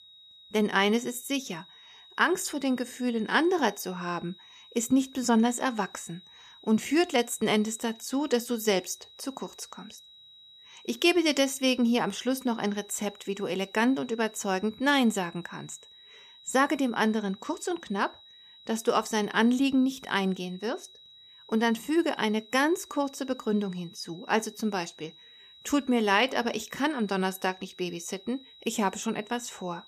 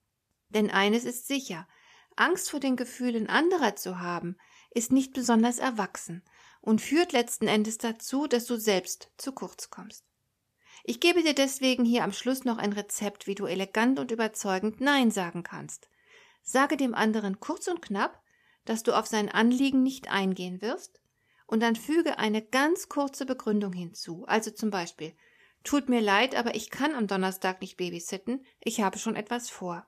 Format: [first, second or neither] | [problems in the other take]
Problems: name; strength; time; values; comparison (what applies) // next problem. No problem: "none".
second | high-pitched whine; faint; throughout; 4 kHz, 20 dB below the speech